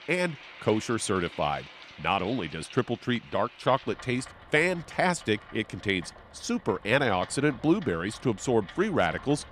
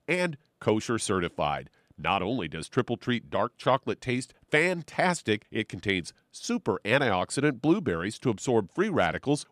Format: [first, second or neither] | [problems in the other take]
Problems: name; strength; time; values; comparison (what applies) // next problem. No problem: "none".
second | rain or running water; noticeable; throughout; 20 dB below the speech